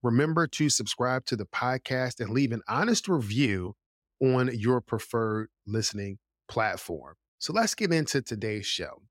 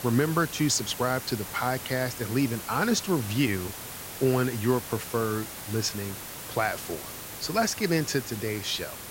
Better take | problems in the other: first | hiss; loud; throughout; 9 dB below the speech

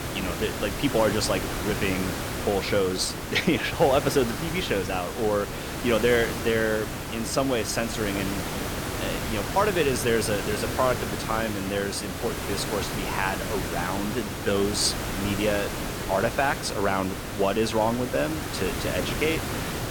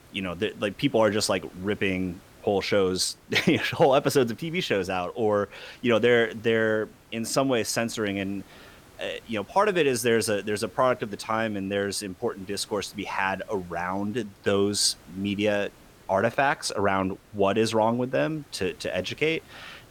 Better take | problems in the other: second | hiss; loud; throughout; 4 dB below the speech; faint in the second

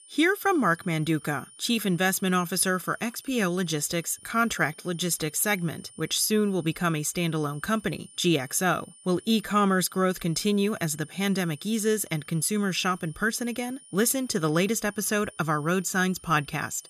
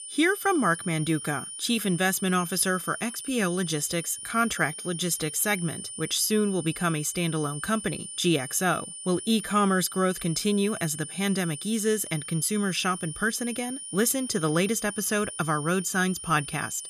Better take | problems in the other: first | high-pitched whine; loud; throughout; 9.5 kHz, 10 dB below the speech; faint in the first

